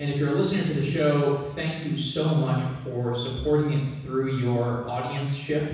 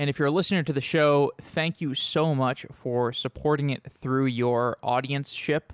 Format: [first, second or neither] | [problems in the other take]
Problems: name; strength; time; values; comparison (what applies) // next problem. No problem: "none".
second | room echo; dies away in 1.1 s